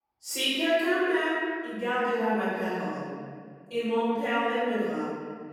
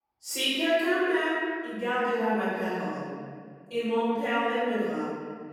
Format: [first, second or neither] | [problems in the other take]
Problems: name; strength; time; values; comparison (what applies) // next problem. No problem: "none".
neither | off-mic speech; far; the same in both // room echo; strong; dies away in 1.8 s; the same in both